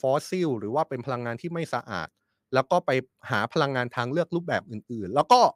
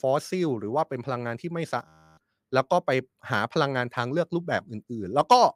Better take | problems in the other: first | audio freezing; at 2 s

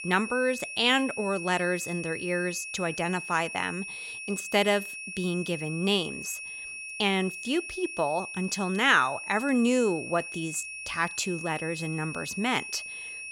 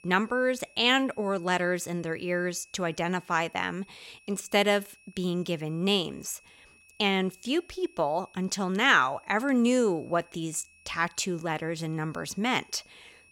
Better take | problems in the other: second | high-pitched whine; loud; throughout; 2.5 kHz, 8 dB below the speech; faint in the second

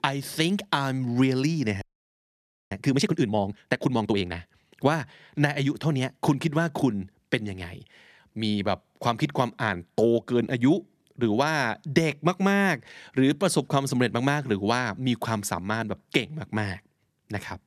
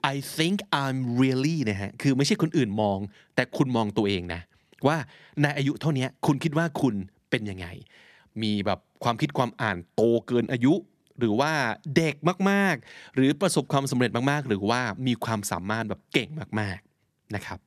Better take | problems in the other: second | audio freezing; at 2 s for 1 s

